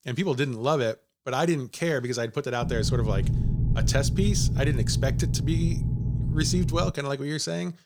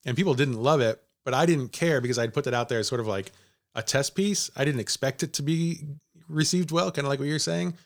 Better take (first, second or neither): second